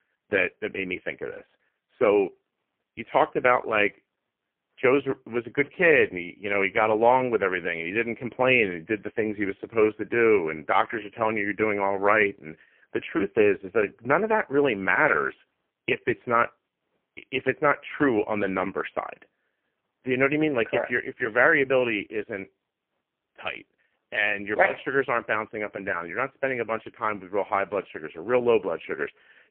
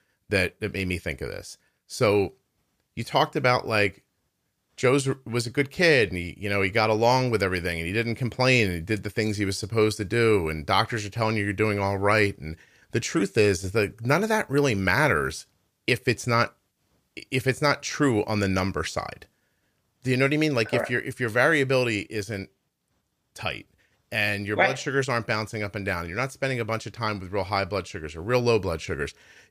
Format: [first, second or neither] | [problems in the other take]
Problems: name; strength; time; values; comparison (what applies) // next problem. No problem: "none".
second | phone-call audio; poor line